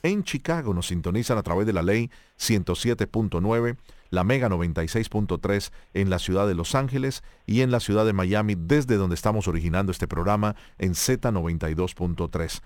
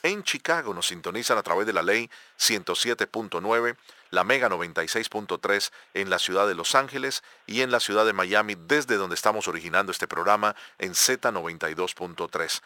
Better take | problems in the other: first | thin; very; fading below 500 Hz

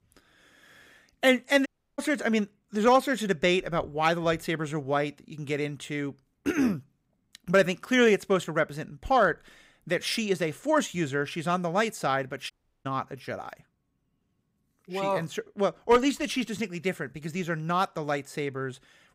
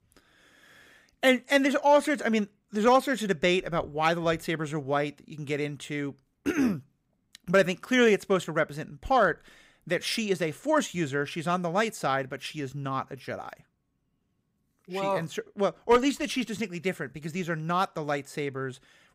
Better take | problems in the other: second | audio cutting out; at 1.5 s and at 13 s

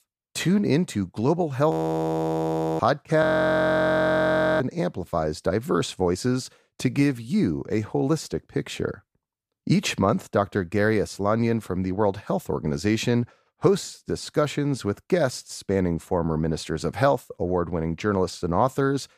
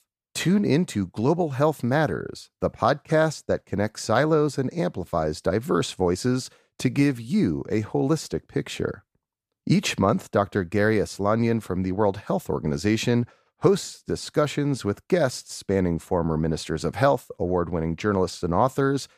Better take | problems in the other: second | audio freezing; at 1.5 s for 1 s and at 3 s for 1.5 s

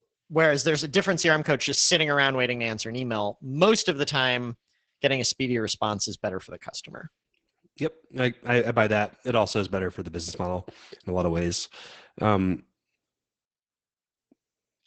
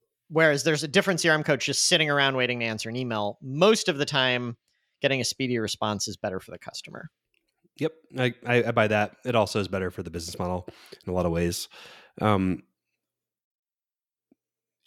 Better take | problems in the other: second | garbled, watery; badly; nothing above 8 kHz

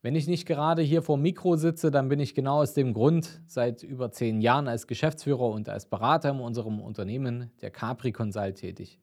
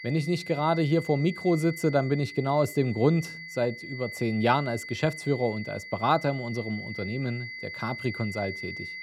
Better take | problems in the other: first | high-pitched whine; noticeable; throughout; 2 kHz, 10 dB below the speech

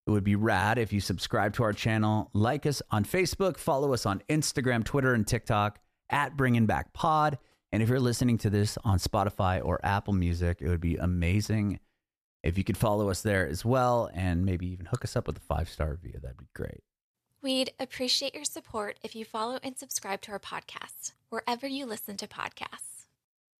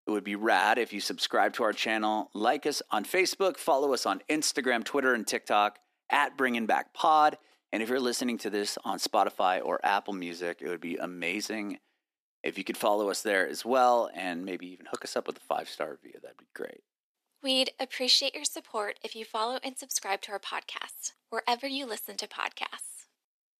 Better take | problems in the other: first | thin; somewhat; fading below 250 Hz

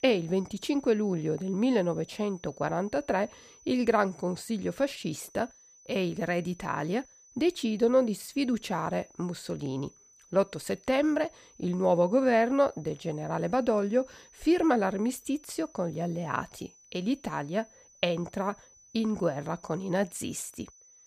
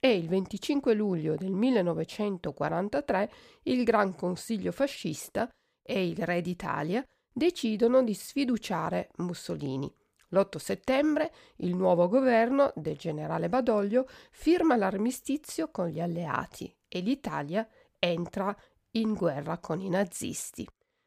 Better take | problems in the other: second | high-pitched whine; faint; throughout; 6 kHz, 25 dB below the speech

